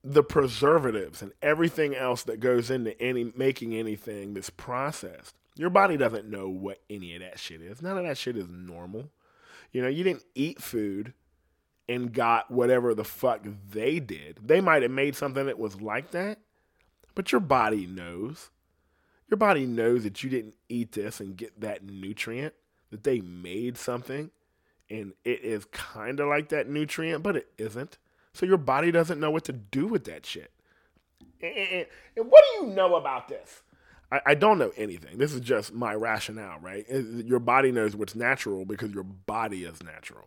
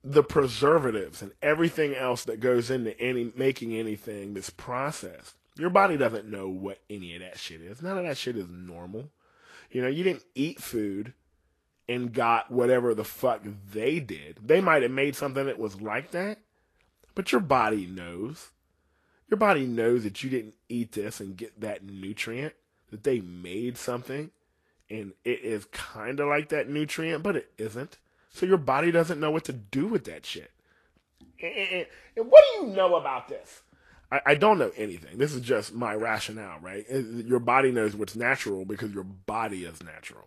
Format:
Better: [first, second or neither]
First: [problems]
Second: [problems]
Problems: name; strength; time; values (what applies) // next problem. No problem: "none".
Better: first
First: none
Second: garbled, watery; slightly; nothing above 13 kHz